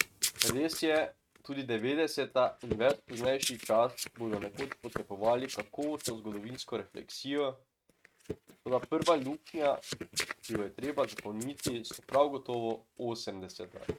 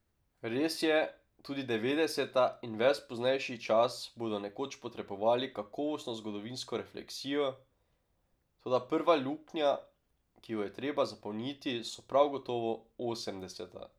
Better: second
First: noise reduction (neural mask model RNNoise)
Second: none

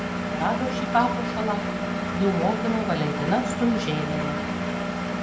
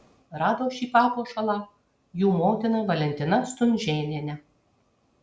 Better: second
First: background sound (Engine); as loud as the speech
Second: none

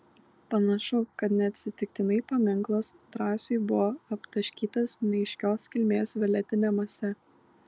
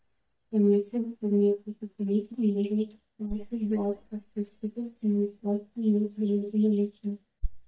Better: first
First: none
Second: noise reduction (neural mask model DeepFilterNet 3)

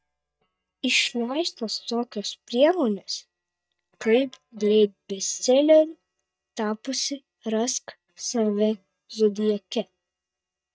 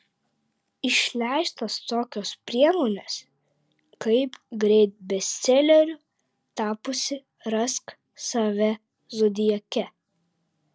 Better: second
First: noise reduction (neural mask model DeepFilterNet 3)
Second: none

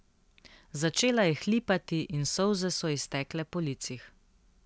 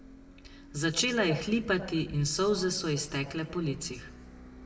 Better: first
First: none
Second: background sound (Bus); 20 dB below the speech // room echo; dies away in 0.6 s

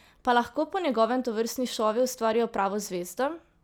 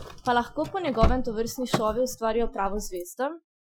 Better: first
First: none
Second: noise reduction (classical method Wiener filter)

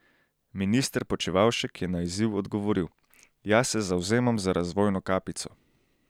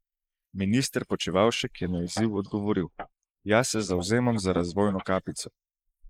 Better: first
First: none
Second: noise reduction (neural mask model Resemble Enhance denoiser)

